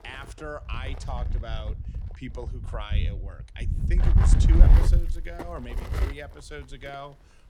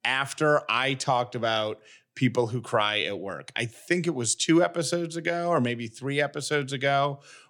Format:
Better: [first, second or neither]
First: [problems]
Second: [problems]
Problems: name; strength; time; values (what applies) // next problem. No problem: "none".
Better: second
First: wind noise on the microphone; heavy; as loud as the speech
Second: none